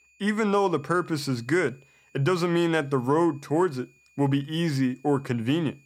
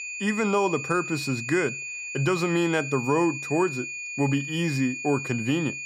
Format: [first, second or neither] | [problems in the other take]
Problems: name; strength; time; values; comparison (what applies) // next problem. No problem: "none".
first | high-pitched whine; loud; throughout; 2.5 kHz, 6 dB below the speech; faint in the first